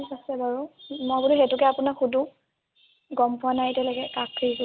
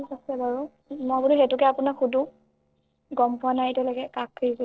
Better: first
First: none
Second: noise reduction (neural separator model SepFormer DNS4)

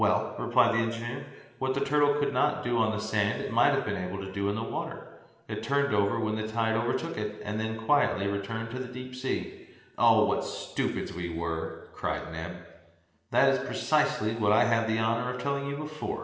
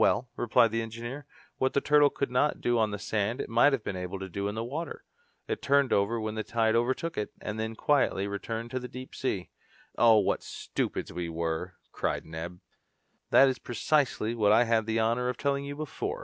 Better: second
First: room echo; dies away in 1.1 s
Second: none

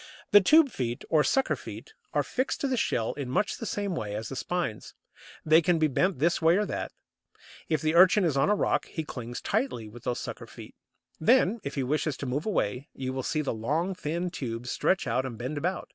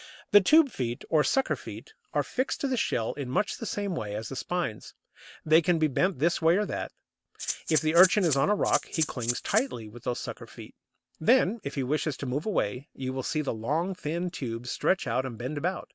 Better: first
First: none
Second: background sound (Rattle (instrument)); 6 dB below the speech

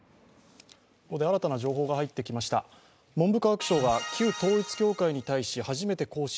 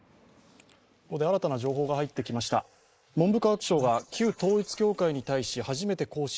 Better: first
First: none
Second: noise reduction (neural mask model Resemble Enhance denoiser)

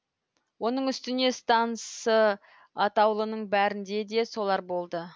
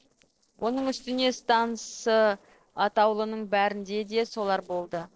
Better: first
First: none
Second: noise reduction (neural separator model SepFormer DNS4)

